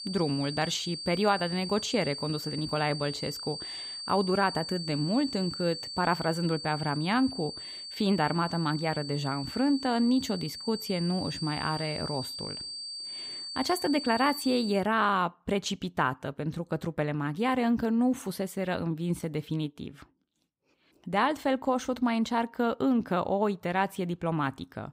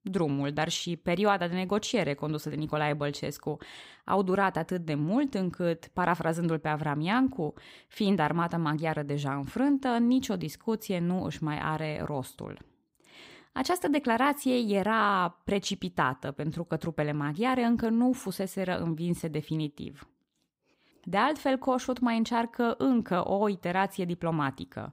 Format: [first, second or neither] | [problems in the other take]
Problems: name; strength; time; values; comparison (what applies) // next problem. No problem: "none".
second | high-pitched whine; loud; until 15 s; 4.5 kHz, 7 dB below the speech